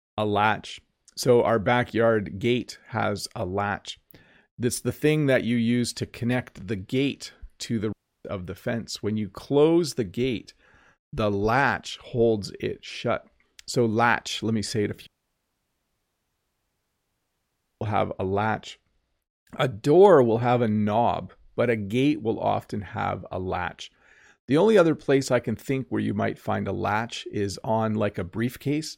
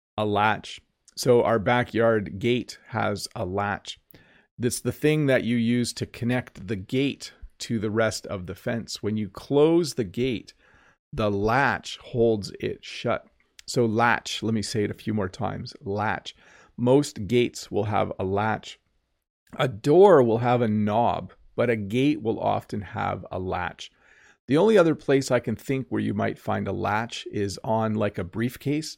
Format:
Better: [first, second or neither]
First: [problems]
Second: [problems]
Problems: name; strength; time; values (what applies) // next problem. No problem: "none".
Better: second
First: audio cutting out; at 8 s and at 15 s for 2.5 s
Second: none